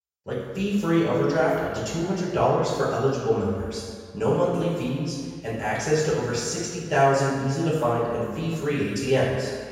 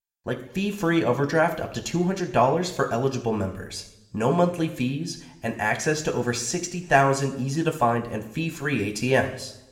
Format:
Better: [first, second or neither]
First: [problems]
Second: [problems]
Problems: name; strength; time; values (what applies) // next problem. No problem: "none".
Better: second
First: room echo; strong; dies away in 1.7 s // off-mic speech; far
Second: room echo; slight; dies away in 0.7 s